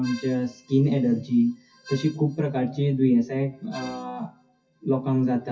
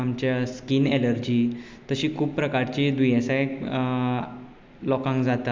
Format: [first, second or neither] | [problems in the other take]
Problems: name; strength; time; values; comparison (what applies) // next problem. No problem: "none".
second | noise reduction (classical method WPE with log-MMSE)